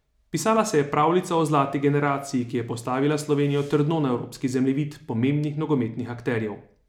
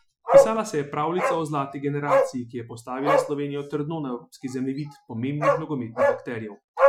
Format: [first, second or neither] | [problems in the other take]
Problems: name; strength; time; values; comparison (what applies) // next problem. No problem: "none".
first | noise reduction (classical method Wiener filter)